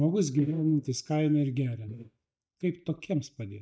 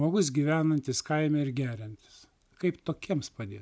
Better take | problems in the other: second | noise reduction (neural mask model DeepFilterNet 3)

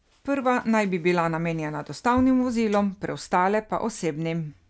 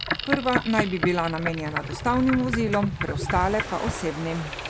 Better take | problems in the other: first | background sound (Boat, Water vehicle); 4 dB below the speech

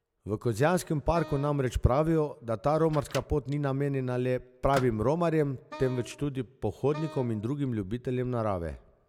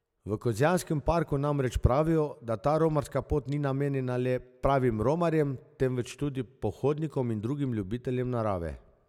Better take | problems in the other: second | background sound (Microwave oven + Wind instrument, woodwind instrument); 18 dB below the speech

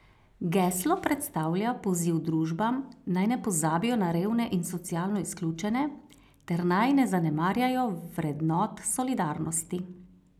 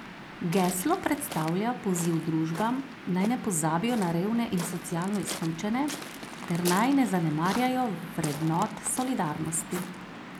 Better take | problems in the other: first | background sound (Waves, surf); 11 dB below the speech

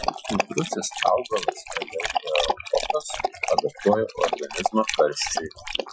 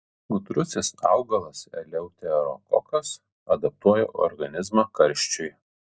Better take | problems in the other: second | noise reduction (classical method Wiener filter)

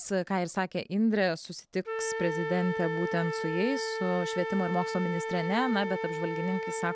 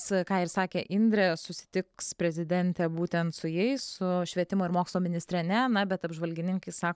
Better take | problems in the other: second | background sound (Wind instrument, woodwind instrument); 4 dB below the speech

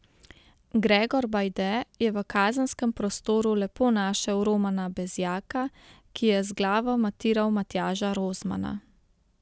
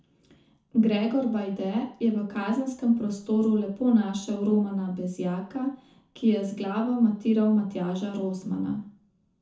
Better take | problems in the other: first | room echo; dies away in 0.7 s

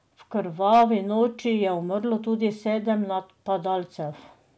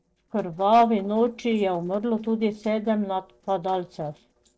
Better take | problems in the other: first | noise reduction (neural separator model SepFormer DNS4)

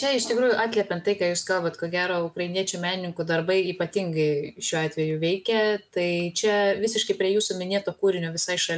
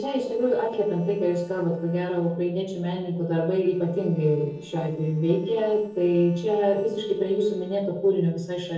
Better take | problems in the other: first | noise reduction (neural separator model SepFormer DNS4)

